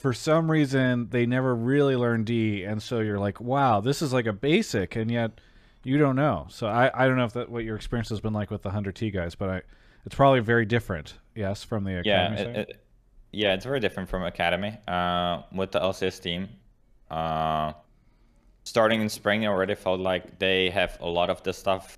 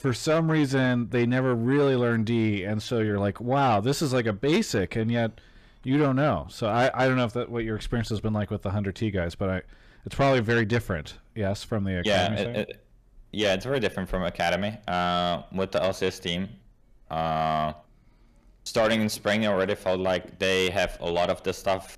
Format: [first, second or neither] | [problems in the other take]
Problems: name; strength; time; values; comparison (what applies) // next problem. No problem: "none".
first | distortion; slight; 10 dB below the speech